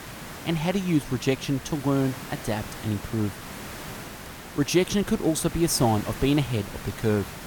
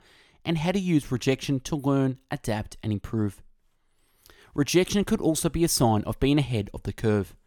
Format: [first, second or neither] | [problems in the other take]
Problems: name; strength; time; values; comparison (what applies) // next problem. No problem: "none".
second | hiss; noticeable; throughout; 10 dB below the speech